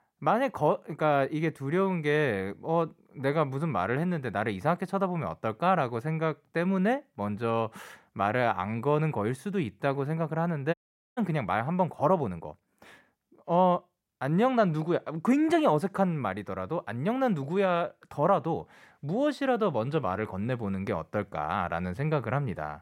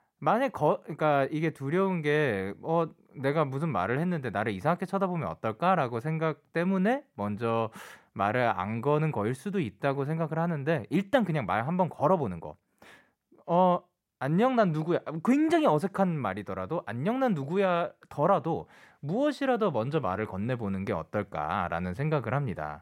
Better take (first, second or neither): second